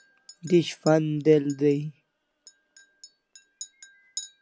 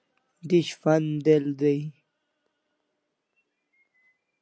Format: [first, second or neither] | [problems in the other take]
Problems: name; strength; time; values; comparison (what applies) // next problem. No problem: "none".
second | background sound (Chink, clink); 20 dB below the speech